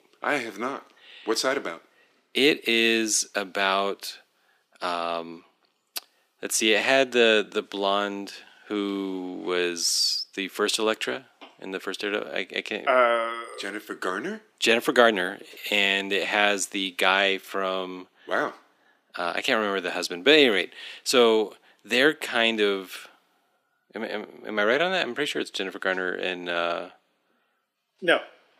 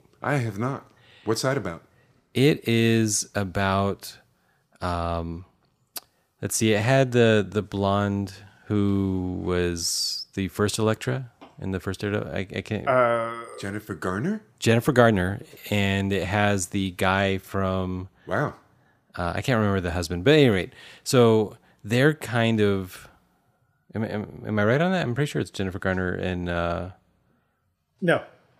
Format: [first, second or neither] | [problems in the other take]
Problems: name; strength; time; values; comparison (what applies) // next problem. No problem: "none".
second | thin; somewhat; fading below 250 Hz